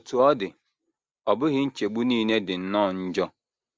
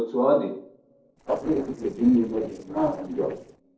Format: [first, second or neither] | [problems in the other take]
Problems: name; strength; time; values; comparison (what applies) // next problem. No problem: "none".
first | noise reduction (neural separator model SepFormer DNS4)